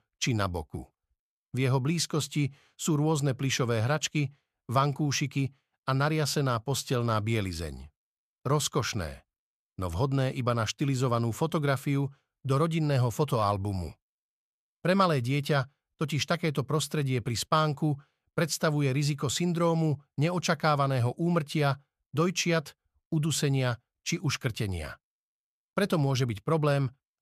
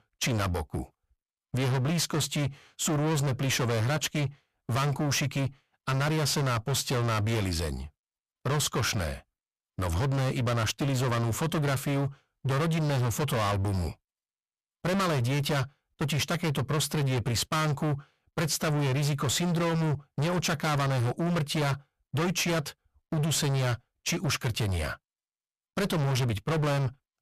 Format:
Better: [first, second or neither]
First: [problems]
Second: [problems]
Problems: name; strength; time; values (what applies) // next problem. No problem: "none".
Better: first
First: none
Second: distortion; heavy; 33% of the sound clipped